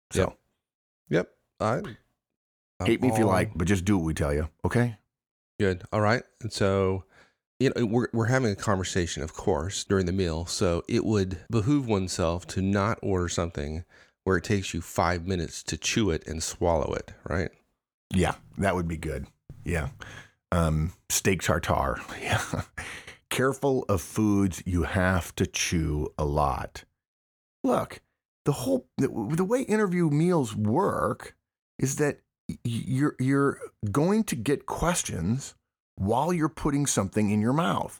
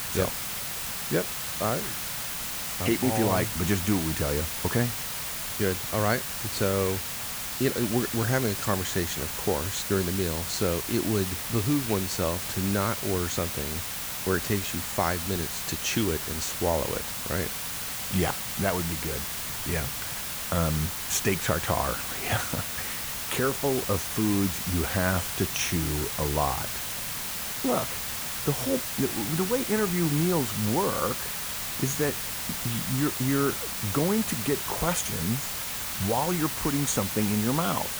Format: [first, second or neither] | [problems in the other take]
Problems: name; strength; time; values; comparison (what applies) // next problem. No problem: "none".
first | hiss; loud; throughout; 1 dB below the speech